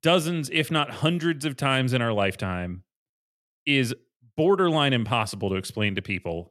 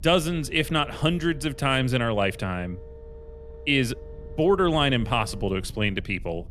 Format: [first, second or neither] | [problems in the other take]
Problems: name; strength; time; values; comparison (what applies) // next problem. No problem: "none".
first | low rumble; faint; throughout; 20 dB below the speech